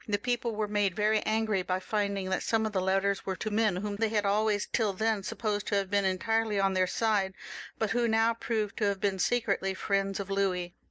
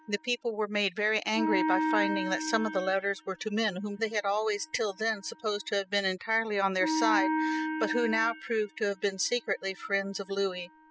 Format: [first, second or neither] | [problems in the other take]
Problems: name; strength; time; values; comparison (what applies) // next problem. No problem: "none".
first | noise reduction (classical method spectral subtraction)